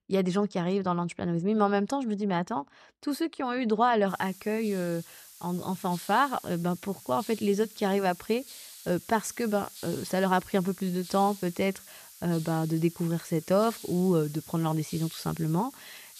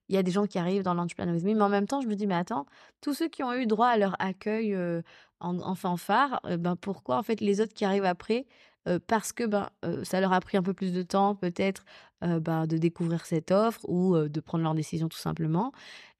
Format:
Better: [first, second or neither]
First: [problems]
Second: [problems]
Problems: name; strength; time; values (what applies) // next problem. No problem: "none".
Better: second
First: hiss; noticeable; from 4 s on; 15 dB below the speech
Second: none